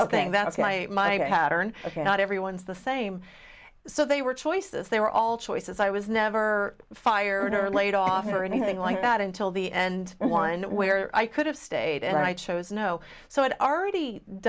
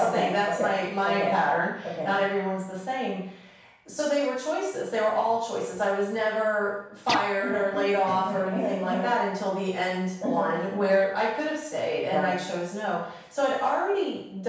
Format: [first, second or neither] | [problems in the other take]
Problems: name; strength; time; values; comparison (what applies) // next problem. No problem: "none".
first | background sound (Guitar); 11 dB below the speech // room echo; dies away in 0.7 s